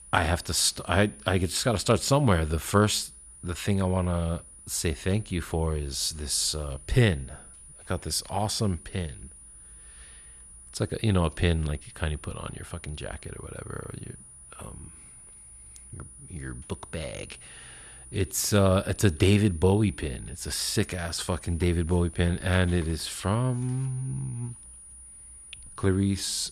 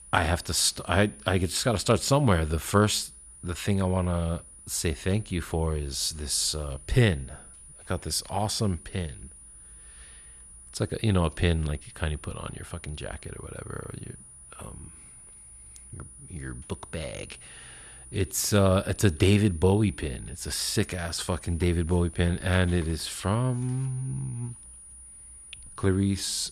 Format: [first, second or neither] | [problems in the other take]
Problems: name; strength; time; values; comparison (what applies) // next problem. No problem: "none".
neither | high-pitched whine; noticeable; throughout; 9.5 kHz, 20 dB below the speech; the same in both